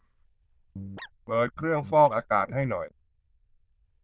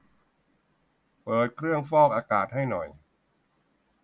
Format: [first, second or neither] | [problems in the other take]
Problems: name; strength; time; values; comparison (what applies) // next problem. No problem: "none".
second | noise reduction (neural diffusion model UNIVERSE++)